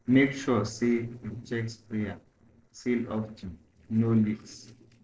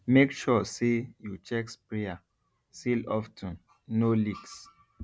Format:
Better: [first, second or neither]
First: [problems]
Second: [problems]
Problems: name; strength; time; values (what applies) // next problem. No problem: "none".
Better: second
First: noise reduction (neural separator model SepFormer DNS4)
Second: none